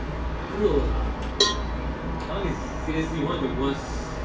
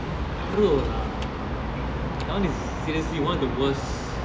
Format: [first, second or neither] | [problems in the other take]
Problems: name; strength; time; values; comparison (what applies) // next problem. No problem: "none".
second | background sound (Cowbell); 4 dB below the speech // room echo; dies away in 0.2 s